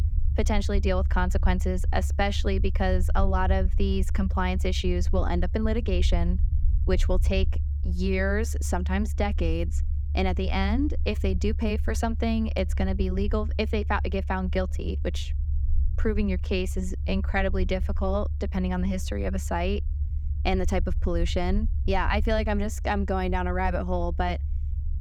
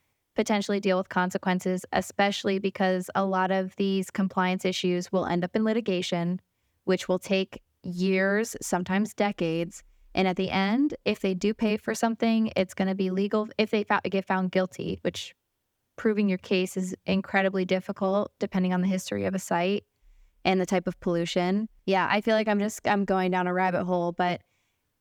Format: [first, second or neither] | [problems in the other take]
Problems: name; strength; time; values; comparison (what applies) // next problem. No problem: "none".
second | low rumble; noticeable; throughout; 20 dB below the speech